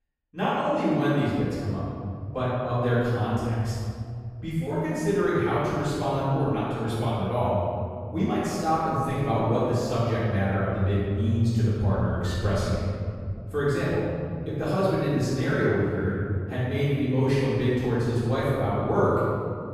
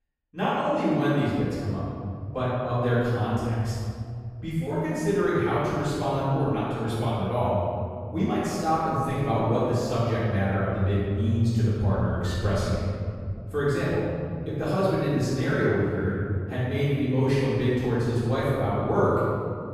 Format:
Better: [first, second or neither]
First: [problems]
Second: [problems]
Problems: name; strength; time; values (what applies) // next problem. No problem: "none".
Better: neither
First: room echo; strong; dies away in 2.6 s // off-mic speech; far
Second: room echo; strong; dies away in 2.6 s // off-mic speech; far